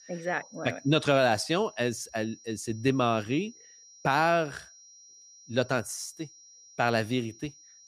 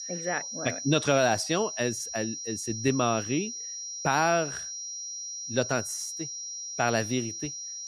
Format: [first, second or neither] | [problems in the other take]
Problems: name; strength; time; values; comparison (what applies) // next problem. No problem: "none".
first | high-pitched whine; loud; throughout; 5.5 kHz, 6 dB below the speech; faint in the first